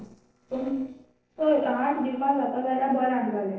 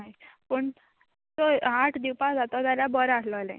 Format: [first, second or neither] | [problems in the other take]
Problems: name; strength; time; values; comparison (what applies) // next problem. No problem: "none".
second | noise reduction (neural separator model SepFormer DNS4)